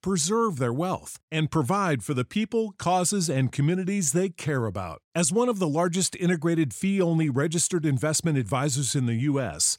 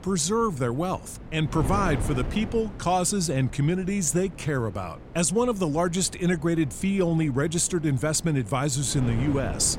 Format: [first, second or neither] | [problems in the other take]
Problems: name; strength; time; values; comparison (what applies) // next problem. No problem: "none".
first | wind noise on the microphone; occasional gusts; 15 dB below the speech